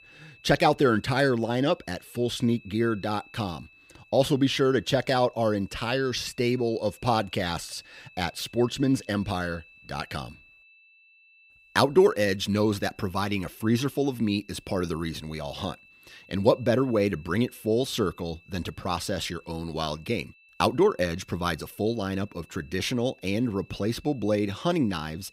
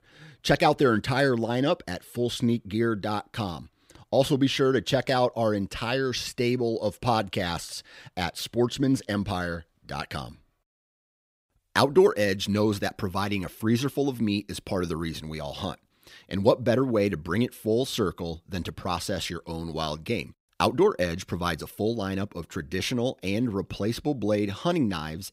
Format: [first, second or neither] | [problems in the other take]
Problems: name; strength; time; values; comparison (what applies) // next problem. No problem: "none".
second | high-pitched whine; faint; throughout; 2.5 kHz, 25 dB below the speech